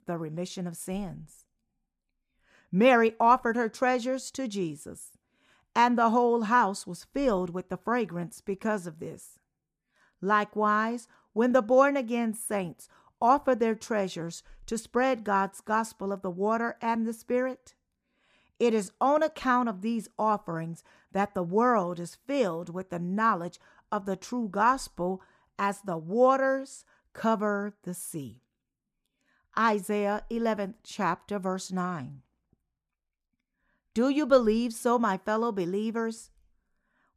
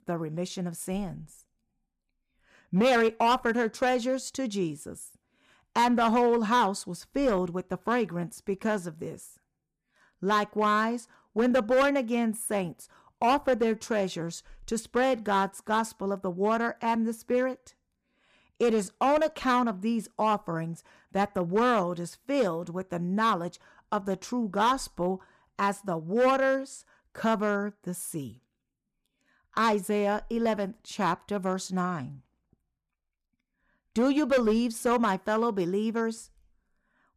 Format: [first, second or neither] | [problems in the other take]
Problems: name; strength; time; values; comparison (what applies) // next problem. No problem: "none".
first | distortion; slight; 4% of the sound clipped